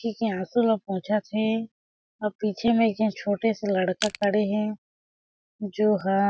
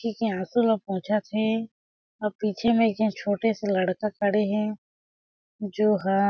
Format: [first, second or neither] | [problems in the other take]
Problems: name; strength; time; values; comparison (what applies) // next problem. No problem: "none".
second | background sound (Crushing); 9 dB below the speech